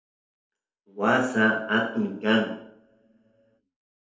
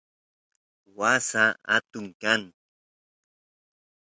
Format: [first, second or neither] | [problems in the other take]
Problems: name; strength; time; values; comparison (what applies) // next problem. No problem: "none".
second | room echo; dies away in 2.1 s